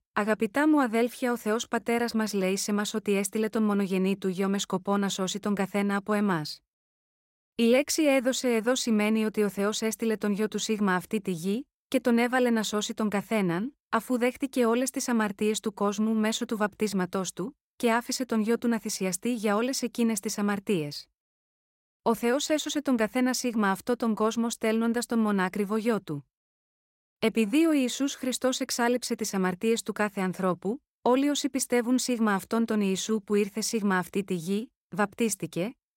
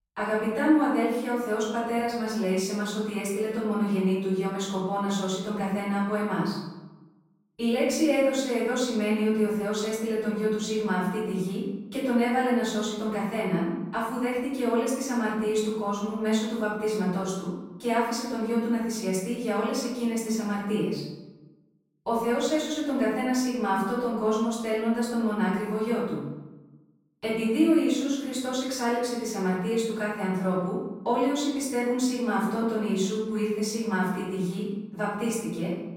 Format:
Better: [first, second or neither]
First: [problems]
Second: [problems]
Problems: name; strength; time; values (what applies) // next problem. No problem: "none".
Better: first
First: none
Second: off-mic speech; far // room echo; noticeable; dies away in 1 s